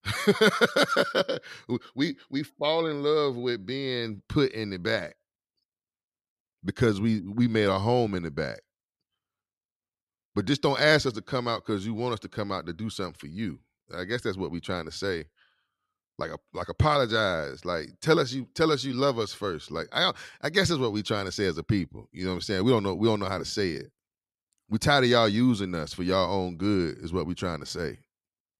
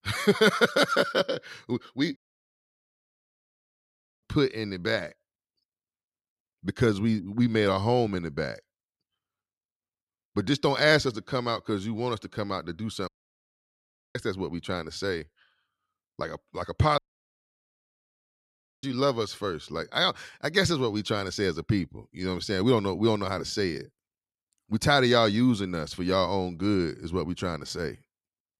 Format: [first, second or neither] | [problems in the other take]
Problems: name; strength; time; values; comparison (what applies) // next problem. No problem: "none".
first | audio cutting out; at 2 s for 2 s, at 13 s for 1 s and at 17 s for 2 s